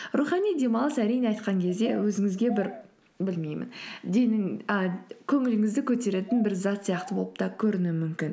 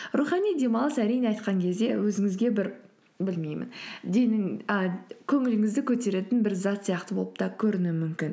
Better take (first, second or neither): second